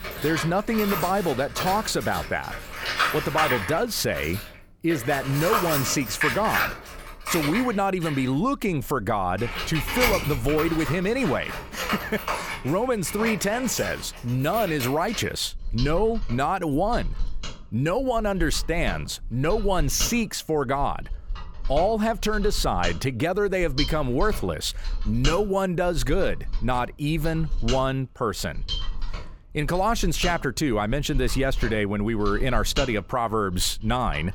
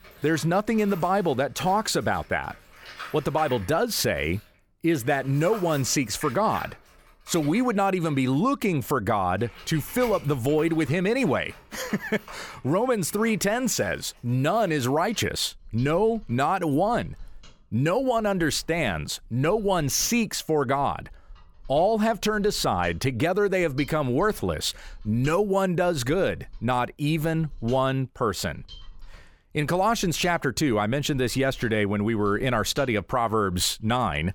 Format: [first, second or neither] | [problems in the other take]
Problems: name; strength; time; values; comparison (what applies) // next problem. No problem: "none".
second | machinery noise; loud; throughout; 6 dB below the speech; faint in the second